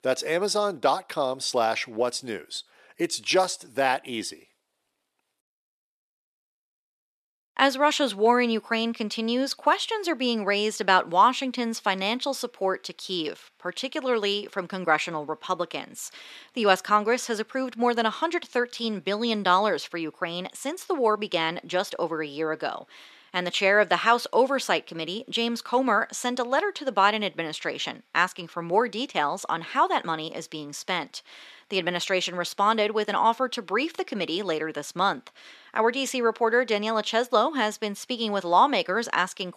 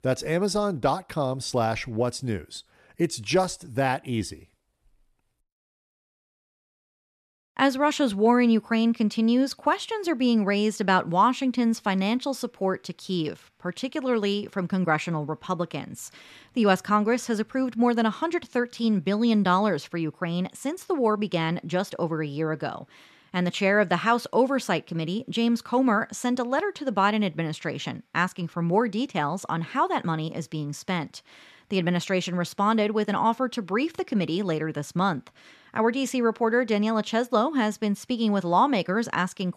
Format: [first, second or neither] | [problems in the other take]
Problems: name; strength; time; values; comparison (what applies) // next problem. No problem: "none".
second | thin; somewhat; fading below 400 Hz